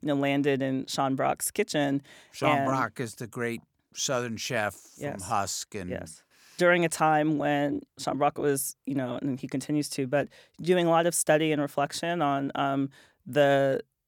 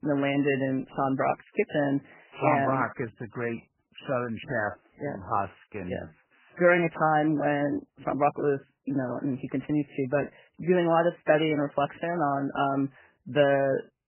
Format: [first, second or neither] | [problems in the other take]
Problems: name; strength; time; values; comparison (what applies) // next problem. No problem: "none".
first | garbled, watery; badly; nothing above 3 kHz